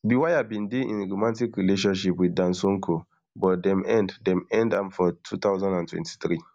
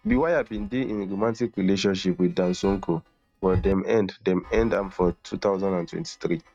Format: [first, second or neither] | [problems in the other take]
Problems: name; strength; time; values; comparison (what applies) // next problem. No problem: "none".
first | noise reduction (neural mask model RNNoise)